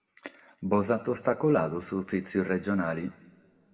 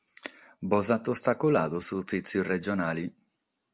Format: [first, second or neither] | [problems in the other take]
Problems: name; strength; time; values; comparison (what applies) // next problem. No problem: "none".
second | room echo; dies away in 1.5 s